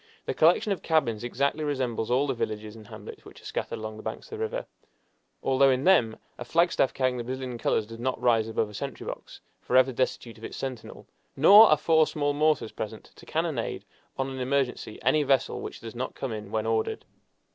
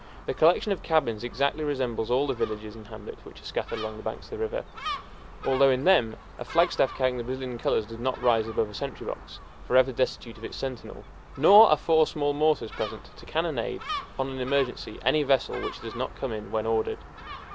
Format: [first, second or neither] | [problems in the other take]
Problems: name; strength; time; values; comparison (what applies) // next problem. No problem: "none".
first | background sound (Gull, seagull); 14 dB below the speech